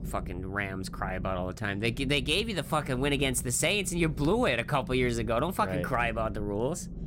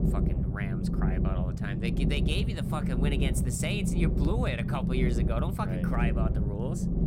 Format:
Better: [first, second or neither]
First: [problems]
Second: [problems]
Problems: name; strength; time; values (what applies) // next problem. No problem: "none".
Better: first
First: low rumble; faint; throughout; 20 dB below the speech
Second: low rumble; loud; throughout; 3 dB below the speech